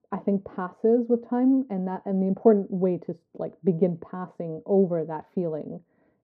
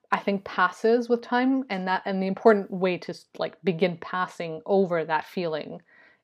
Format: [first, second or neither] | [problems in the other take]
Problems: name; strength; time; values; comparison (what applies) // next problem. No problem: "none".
second | muffled; very; fading above 1 kHz